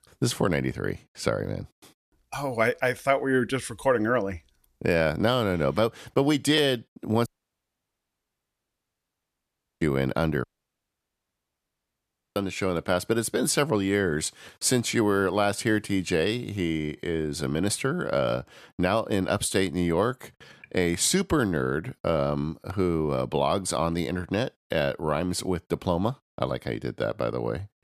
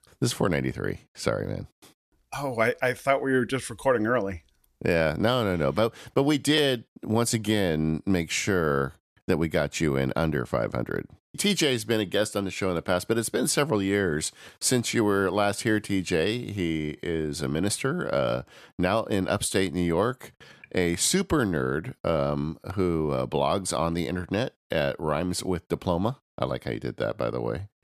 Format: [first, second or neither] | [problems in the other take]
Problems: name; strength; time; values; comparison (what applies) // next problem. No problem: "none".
second | audio cutting out; at 7.5 s for 2.5 s and at 10 s for 2 s